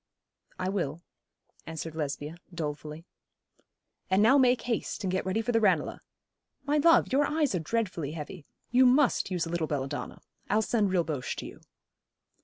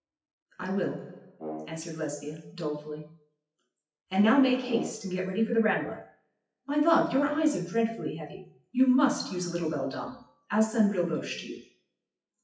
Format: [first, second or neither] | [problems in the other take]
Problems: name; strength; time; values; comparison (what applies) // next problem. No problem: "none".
first | noise reduction (classical method WPE with log-MMSE)